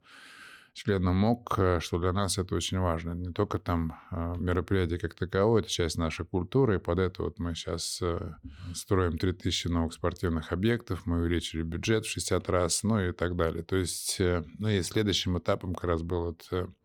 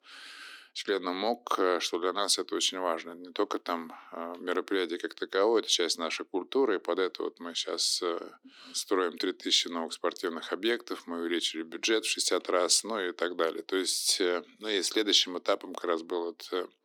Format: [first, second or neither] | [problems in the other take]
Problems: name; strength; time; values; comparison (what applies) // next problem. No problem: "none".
first | thin; somewhat; fading below 300 Hz